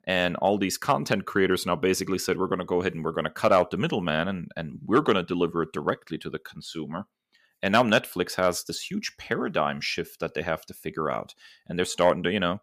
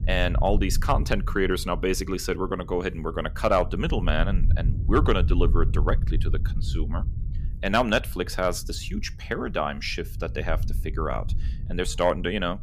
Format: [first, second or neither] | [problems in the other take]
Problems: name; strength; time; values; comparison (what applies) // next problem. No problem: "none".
first | low rumble; noticeable; throughout; 20 dB below the speech